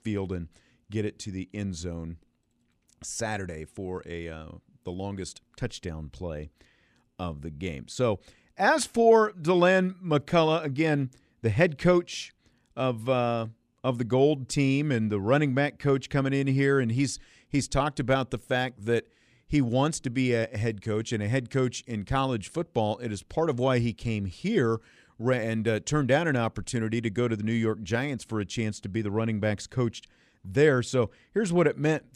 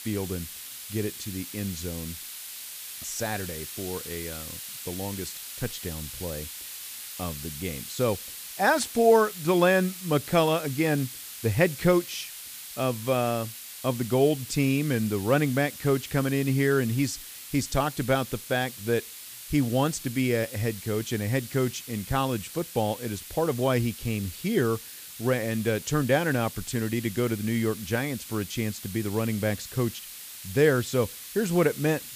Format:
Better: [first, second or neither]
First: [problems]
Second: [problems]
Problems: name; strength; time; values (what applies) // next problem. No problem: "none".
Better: first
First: none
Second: hiss; noticeable; throughout; 10 dB below the speech